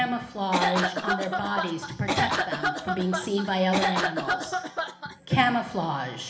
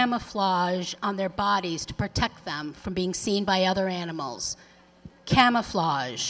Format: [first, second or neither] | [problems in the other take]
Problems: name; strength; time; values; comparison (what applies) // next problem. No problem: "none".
second | background sound (Cough); as loud as the speech // room echo; dies away in 1.1 s